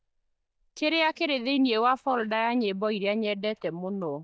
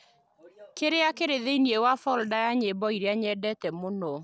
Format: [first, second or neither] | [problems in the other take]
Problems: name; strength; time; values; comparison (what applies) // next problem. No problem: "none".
second | noise reduction (neural mask model DeepFilterNet 3)